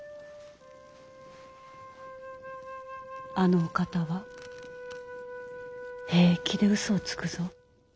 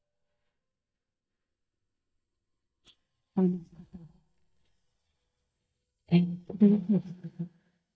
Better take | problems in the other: first | noise reduction (neural mask model DeepFilterNet 3)

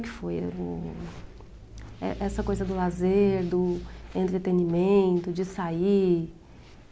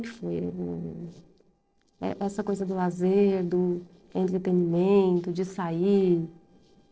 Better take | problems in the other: first | noise reduction (neural separator model SepFormer DNS4)

